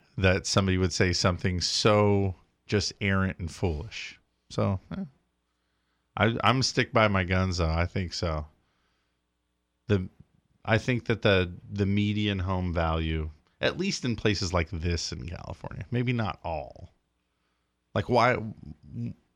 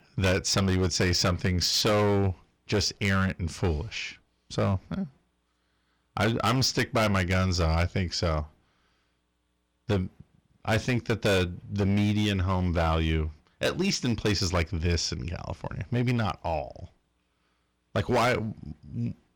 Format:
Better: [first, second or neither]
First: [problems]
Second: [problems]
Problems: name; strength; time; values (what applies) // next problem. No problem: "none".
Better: first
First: none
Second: distortion; heavy; 8% of the sound clipped